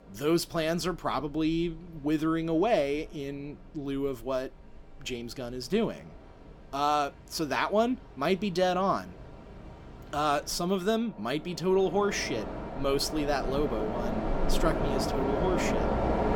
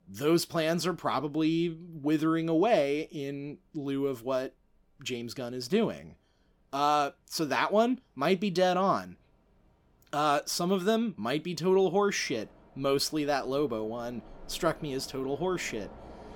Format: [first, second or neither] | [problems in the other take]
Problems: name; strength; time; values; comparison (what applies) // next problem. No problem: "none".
second | train or aircraft noise; loud; throughout; 3 dB below the speech; faint in the second